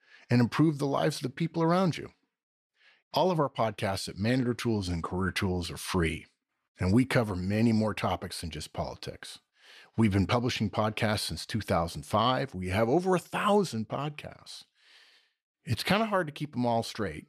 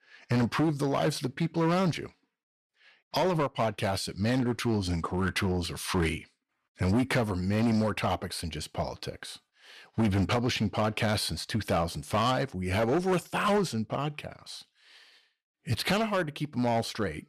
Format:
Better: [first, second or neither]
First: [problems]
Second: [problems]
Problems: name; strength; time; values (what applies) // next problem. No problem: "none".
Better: first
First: none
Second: distortion; slight; 8% of the sound clipped